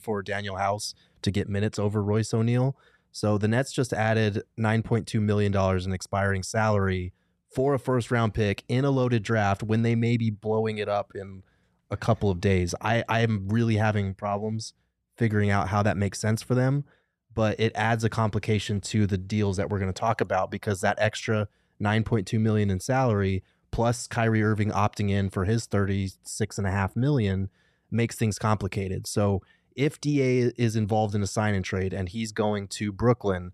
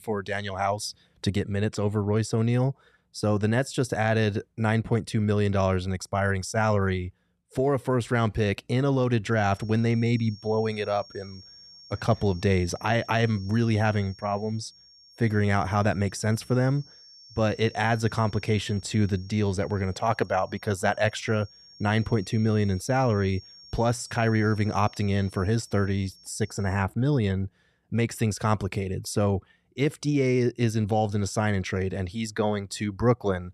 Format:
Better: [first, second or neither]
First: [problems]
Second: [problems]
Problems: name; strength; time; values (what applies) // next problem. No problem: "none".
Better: first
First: none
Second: high-pitched whine; faint; from 9.5 to 27 s; 5.5 kHz, 20 dB below the speech